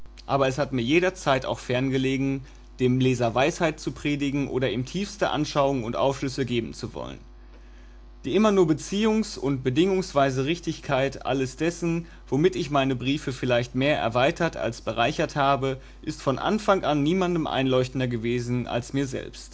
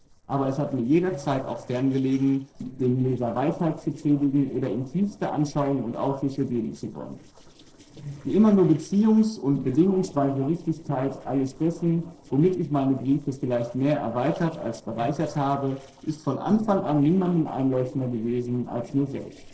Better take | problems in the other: first | noise reduction (neural separator model SepFormer DNS4)

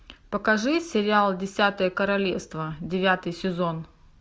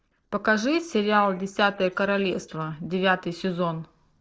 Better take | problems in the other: first | noise reduction (neural separator model SepFormer DNS4)

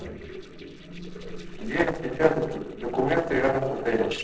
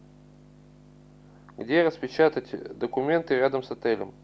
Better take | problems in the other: second | noise reduction (neural separator model SepFormer DNS4)

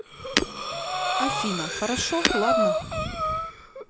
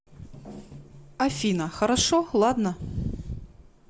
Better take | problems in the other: second | background sound (Breathing + Shatter); 4 dB above the speech

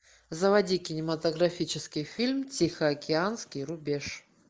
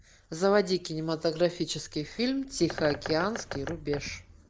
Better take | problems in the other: first | background sound (Bird); 14 dB below the speech

